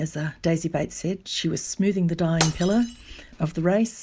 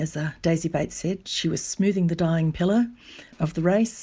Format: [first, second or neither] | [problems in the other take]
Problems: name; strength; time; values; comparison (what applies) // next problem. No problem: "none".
second | background sound (Shatter); 10 dB below the speech